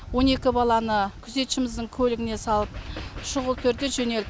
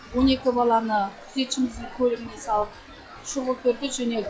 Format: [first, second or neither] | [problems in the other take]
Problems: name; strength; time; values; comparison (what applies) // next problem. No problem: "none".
first | noise reduction (classical method log-MMSE)